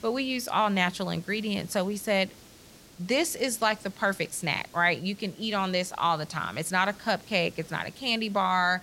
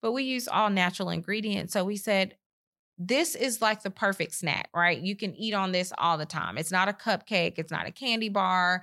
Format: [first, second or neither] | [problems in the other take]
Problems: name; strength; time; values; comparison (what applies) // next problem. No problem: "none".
second | hiss; faint; throughout; 25 dB below the speech